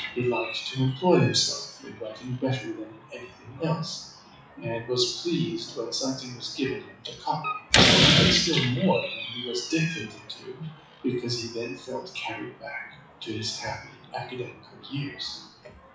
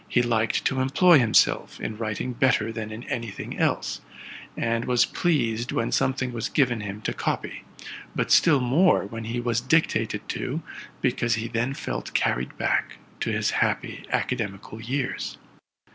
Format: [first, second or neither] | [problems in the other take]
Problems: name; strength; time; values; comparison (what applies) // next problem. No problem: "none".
second | noise reduction (classical method WPE with log-MMSE)